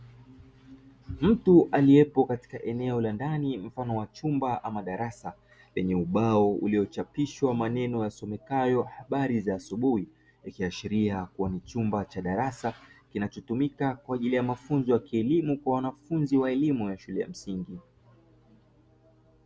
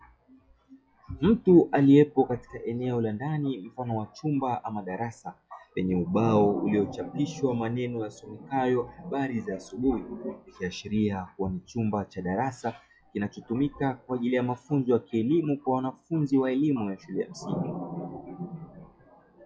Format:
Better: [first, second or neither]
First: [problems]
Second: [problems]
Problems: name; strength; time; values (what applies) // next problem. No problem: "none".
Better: first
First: none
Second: noise reduction (classical method log-MMSE)